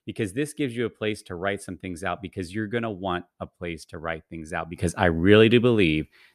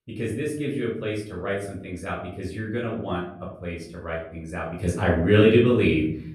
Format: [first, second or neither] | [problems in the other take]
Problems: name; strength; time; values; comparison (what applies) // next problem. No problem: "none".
first | off-mic speech; far // room echo; noticeable; dies away in 0.7 s